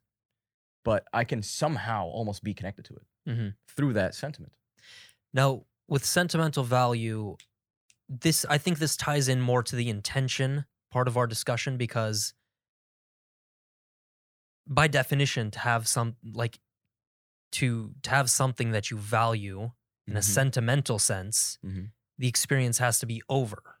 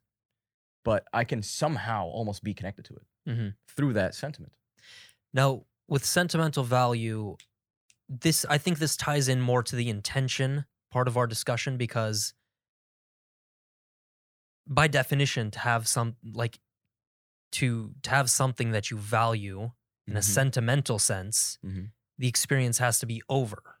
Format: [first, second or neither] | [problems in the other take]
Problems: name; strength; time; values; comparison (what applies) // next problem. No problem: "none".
neither | none